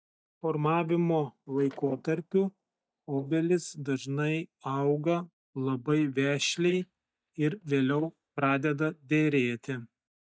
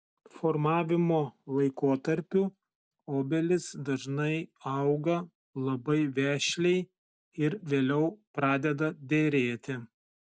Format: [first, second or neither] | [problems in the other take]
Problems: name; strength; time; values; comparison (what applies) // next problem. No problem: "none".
second | noise reduction (neural mask model DeepFilterNet 3)